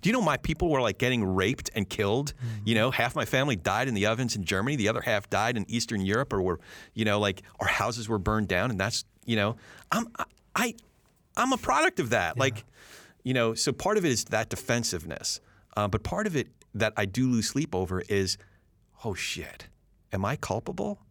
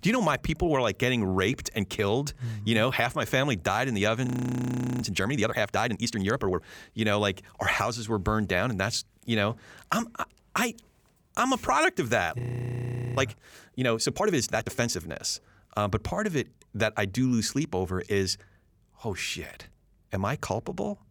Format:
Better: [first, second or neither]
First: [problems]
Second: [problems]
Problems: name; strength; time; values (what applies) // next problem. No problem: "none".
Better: first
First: none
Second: audio freezing; at 4.5 s for 1 s and at 12 s for 1 s